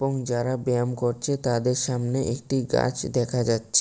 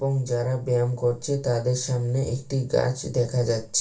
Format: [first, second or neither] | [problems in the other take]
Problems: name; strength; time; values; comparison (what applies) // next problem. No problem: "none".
first | room echo; dies away in 0.3 s